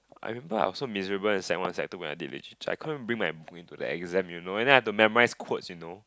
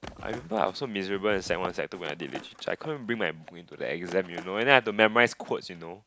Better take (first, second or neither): first